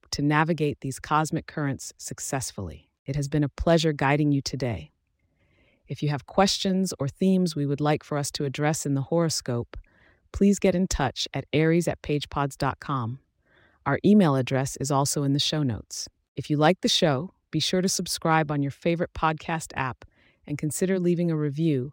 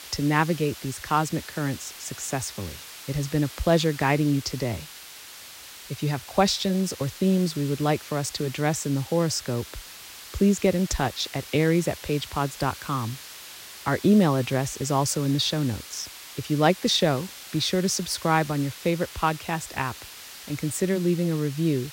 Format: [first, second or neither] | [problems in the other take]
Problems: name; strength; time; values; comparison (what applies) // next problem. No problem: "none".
first | hiss; noticeable; throughout; 15 dB below the speech